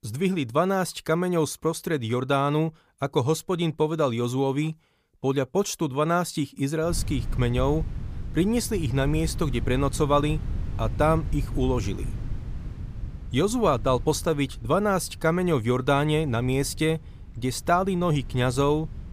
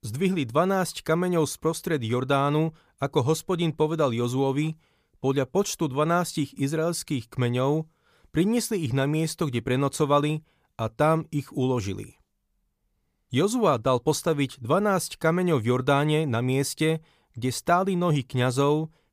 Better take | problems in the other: second | wind noise on the microphone; occasional gusts; from 7 s on; 20 dB below the speech

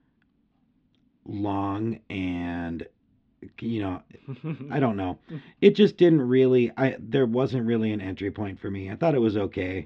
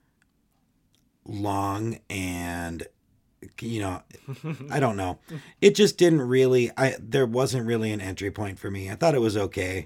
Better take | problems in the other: second | muffled; slightly; fading above 3.5 kHz

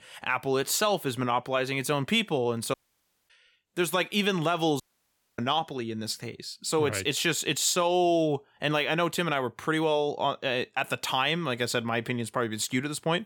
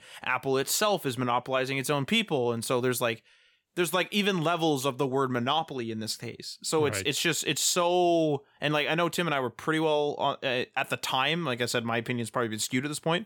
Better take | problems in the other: second | audio cutting out; at 2.5 s for 0.5 s and at 5 s for 0.5 s

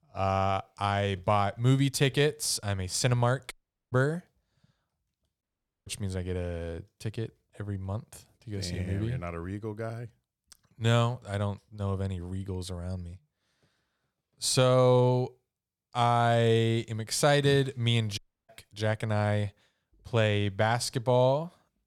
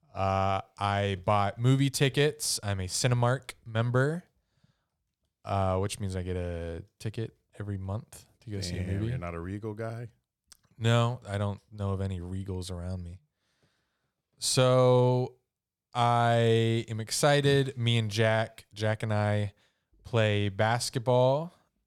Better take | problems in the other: second | audio cutting out; at 3.5 s, at 5.5 s and at 18 s

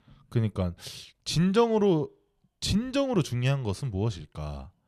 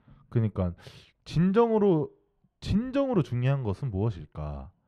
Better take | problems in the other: first | muffled; slightly; fading above 3 kHz

